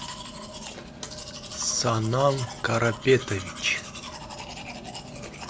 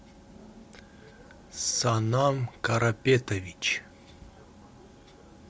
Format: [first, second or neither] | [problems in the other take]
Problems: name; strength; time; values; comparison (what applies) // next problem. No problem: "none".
second | background sound (Domestic sounds, home sounds); 11 dB below the speech // room echo; dies away in 0.6 s